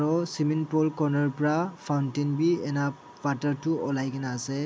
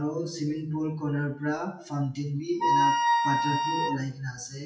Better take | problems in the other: first | noise reduction (classical method WPE with log-MMSE)

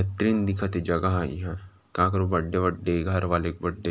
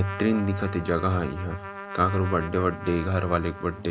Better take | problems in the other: first | background sound (Trumpet); 12 dB below the speech

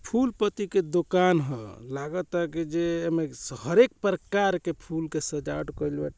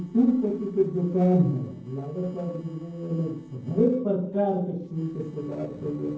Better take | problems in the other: first | noise reduction (neural separator model SepFormer DNS4)

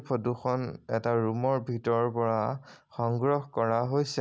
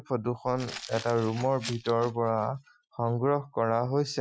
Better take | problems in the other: first | noise reduction (classical method Wiener filter)

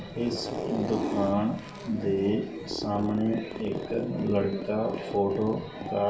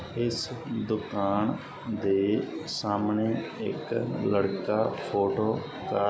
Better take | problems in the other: second | background sound (Zipper (clothing)); 8 dB below the speech // room echo; dies away in 0.2 s

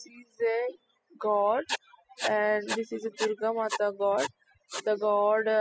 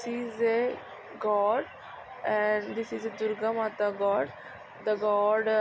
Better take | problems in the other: second | noise reduction (classical method spectral subtraction)

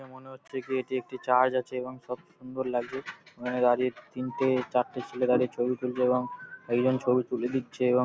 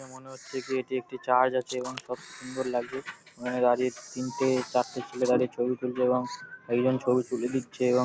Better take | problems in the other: first | background sound (Camera); 20 dB below the speech

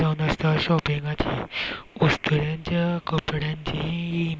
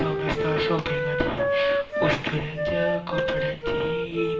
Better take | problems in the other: first | background sound (Wind instrument, woodwind instrument); 2 dB above the speech // room echo; dies away in 1 s

